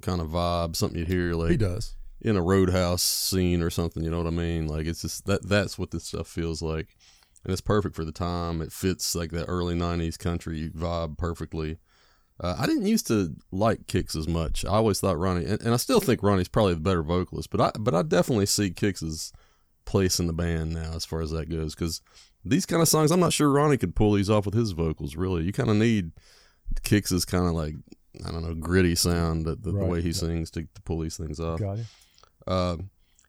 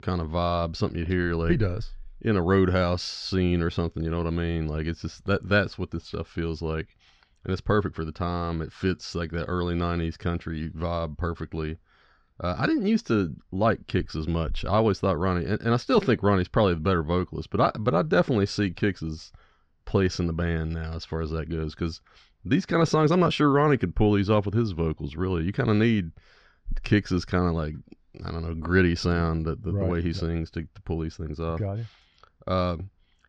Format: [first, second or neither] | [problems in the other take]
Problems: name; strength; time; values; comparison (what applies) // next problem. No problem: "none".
first | muffled; slightly; fading above 4 kHz